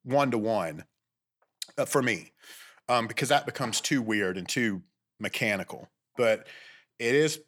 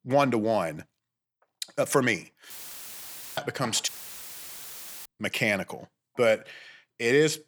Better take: first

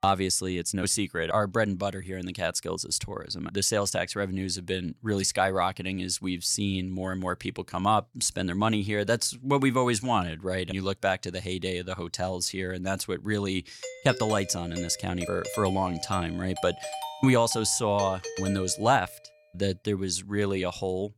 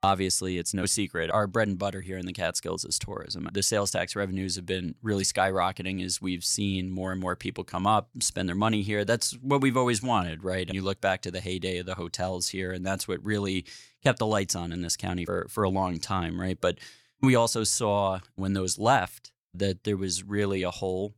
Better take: second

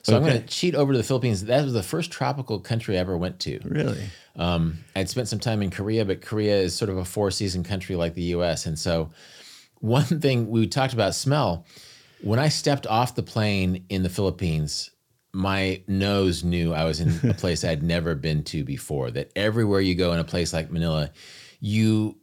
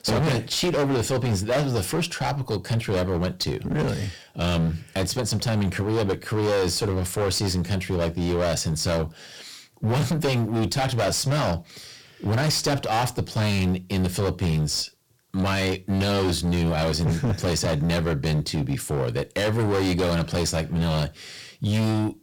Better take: first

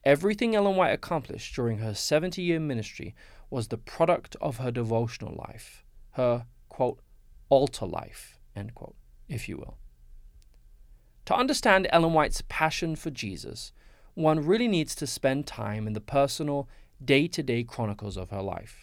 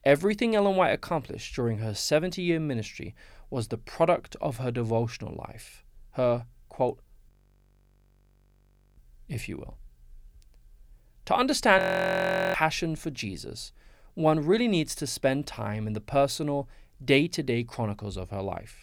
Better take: first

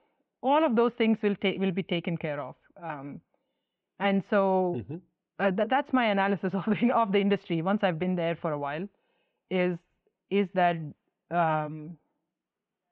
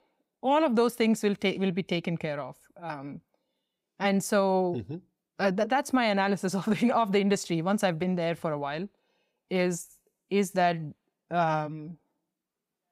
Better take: second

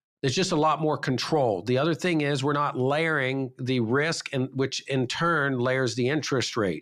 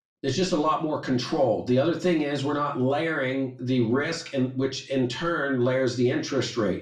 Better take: first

